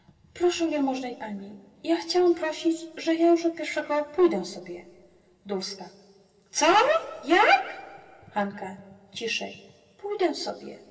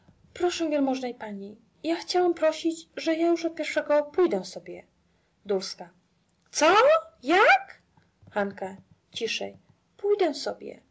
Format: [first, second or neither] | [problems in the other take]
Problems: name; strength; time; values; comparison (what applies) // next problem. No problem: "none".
second | room echo; dies away in 1.8 s